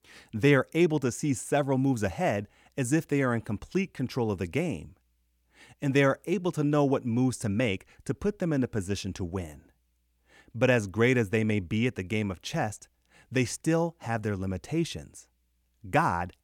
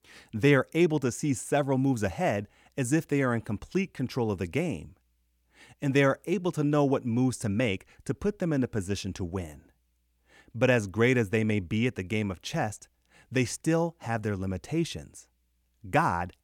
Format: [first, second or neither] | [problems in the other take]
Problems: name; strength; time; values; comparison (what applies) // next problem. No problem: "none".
neither | none